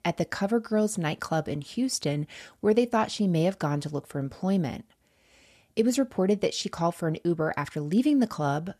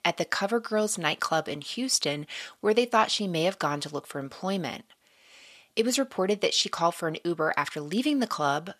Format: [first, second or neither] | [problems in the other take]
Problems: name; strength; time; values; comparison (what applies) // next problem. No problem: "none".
first | thin; somewhat; fading below 1 kHz